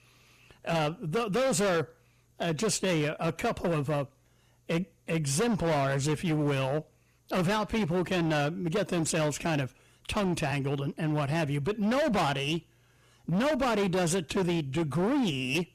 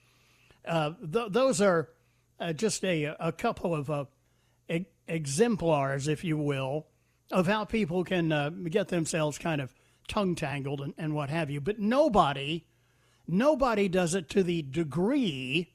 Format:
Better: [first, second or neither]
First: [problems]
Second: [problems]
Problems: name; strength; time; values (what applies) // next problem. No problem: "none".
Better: second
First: distortion; heavy; 19% of the sound clipped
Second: none